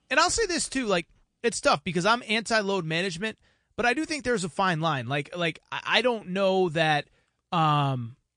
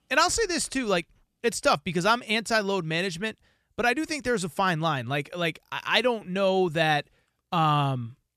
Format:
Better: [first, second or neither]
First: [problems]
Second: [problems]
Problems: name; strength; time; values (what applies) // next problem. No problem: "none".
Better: second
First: garbled, watery; slightly; nothing above 9 kHz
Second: none